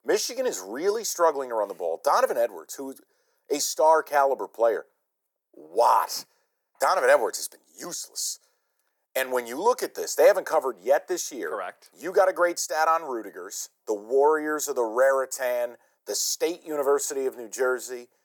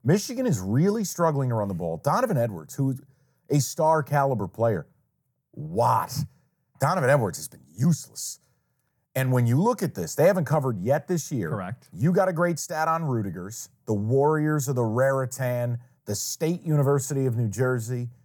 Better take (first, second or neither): second